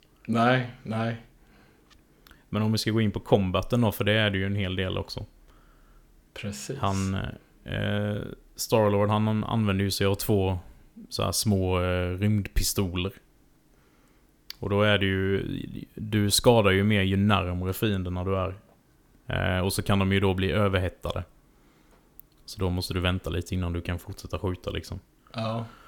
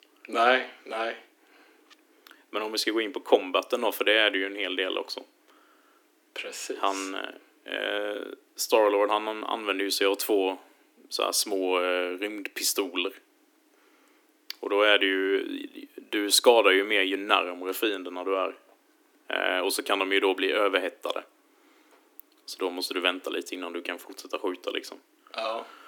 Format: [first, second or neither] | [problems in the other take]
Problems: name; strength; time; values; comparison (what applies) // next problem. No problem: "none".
first | thin; somewhat; fading below 300 Hz